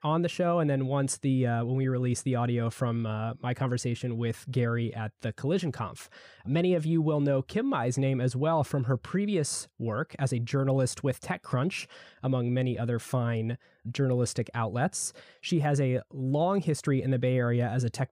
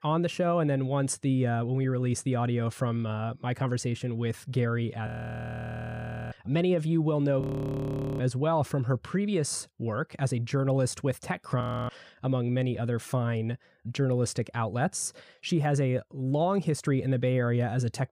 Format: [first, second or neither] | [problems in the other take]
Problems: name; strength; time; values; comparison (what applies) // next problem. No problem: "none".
first | audio freezing; at 5 s for 1.5 s, at 7.5 s for 1 s and at 12 s